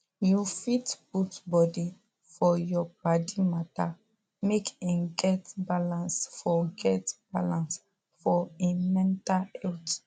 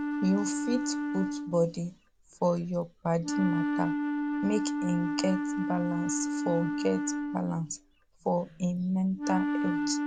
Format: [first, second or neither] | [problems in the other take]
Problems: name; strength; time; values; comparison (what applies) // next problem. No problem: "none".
first | background sound (Wind instrument, woodwind instrument); 1 dB below the speech